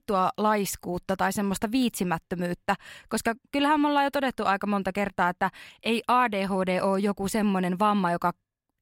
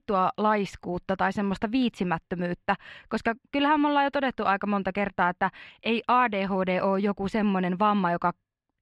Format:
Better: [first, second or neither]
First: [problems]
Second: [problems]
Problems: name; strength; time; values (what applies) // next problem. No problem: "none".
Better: first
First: none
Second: muffled; slightly; fading above 3 kHz